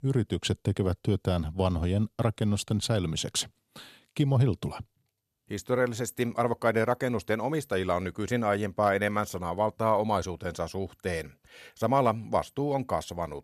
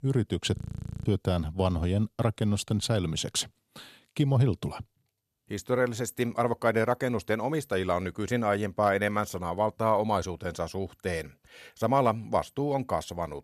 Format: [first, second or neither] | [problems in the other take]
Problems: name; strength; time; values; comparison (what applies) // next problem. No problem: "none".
first | audio freezing; at 0.5 s